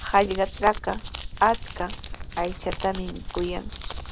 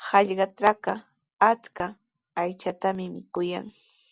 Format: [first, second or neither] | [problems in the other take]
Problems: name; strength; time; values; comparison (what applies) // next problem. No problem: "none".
second | background sound (Crumpling, crinkling); 8 dB below the speech